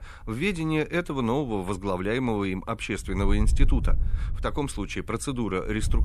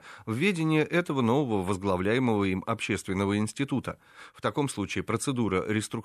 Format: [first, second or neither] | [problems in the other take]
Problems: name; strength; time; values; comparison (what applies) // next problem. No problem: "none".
second | wind noise on the microphone; occasional gusts; 20 dB below the speech